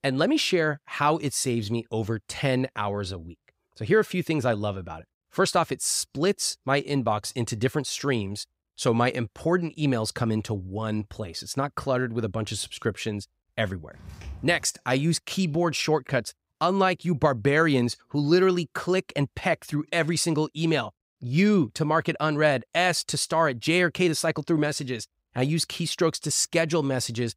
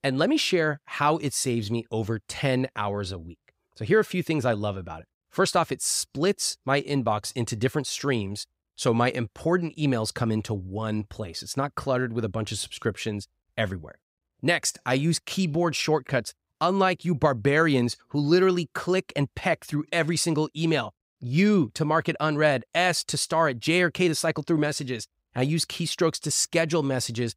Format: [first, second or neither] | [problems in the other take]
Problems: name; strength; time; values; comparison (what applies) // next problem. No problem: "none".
second | footsteps; faint; at 14 s; peak 15 dB below the speech